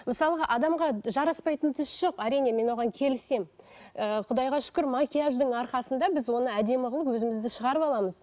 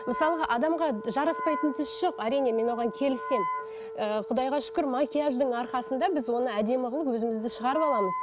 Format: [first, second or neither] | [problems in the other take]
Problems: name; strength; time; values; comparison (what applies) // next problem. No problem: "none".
first | background sound (Wind instrument, woodwind instrument); 8 dB below the speech